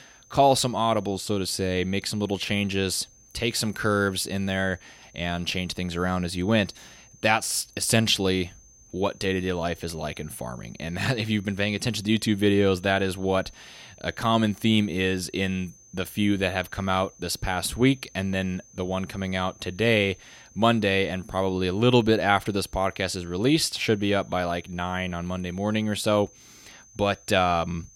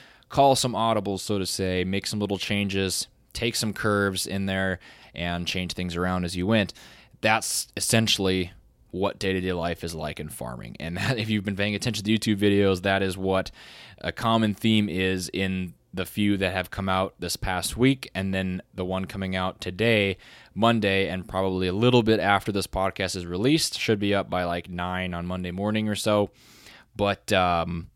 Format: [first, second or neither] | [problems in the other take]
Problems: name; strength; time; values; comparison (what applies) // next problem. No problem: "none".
second | high-pitched whine; faint; throughout; 6.5 kHz, 25 dB below the speech